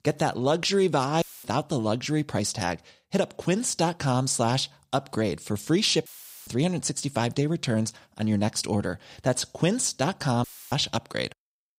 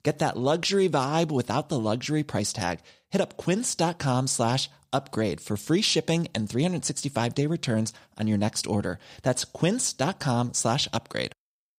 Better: second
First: audio cutting out; filled with static; at 1 s, at 6 s and at 10 s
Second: none

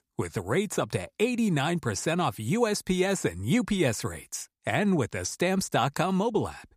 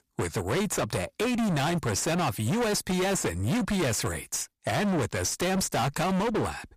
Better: first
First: none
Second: distortion; heavy; 35% of the sound clipped

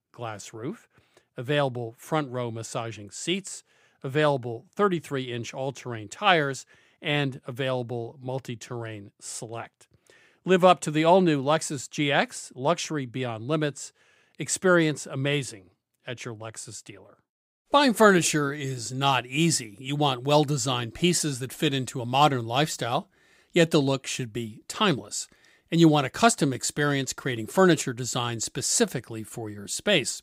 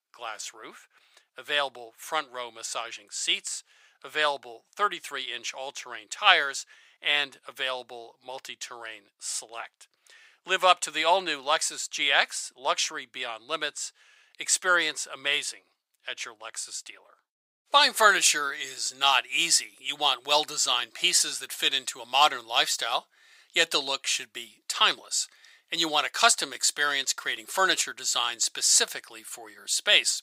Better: first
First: none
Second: thin; very; fading below 950 Hz

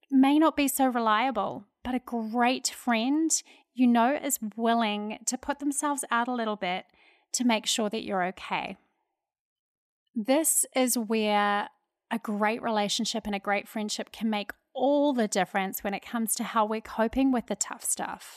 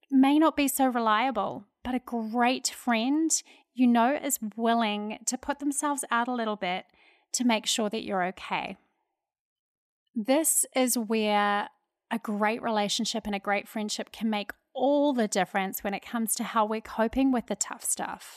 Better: neither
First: none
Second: none

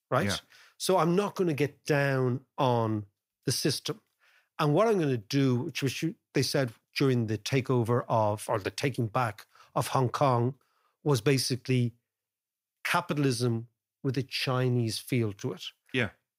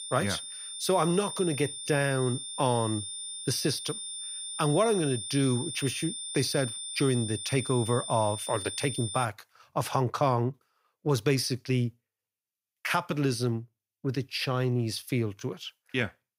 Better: first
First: none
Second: high-pitched whine; loud; until 9.5 s; 3.5 kHz, 6 dB below the speech

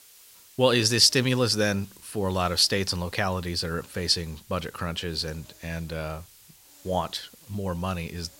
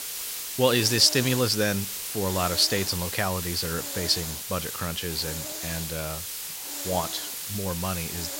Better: first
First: hiss; faint; throughout; 25 dB below the speech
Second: hiss; loud; throughout; 5 dB below the speech

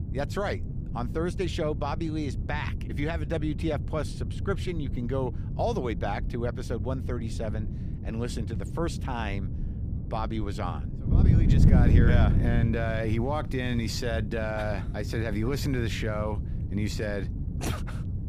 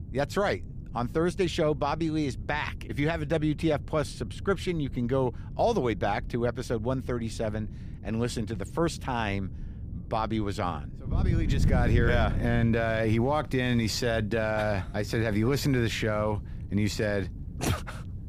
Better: second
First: wind noise on the microphone; heavy; 8 dB below the speech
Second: wind noise on the microphone; occasional gusts; 20 dB below the speech

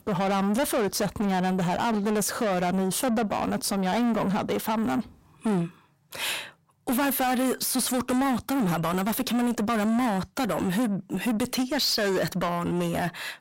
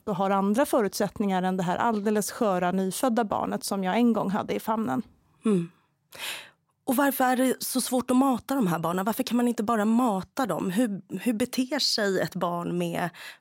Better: second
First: distortion; heavy; 7 dB below the speech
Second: none

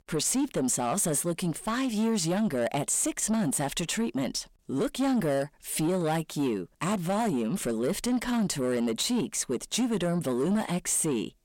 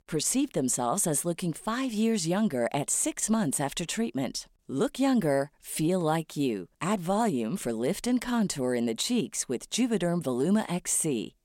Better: second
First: distortion; slight; 10 dB below the speech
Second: none

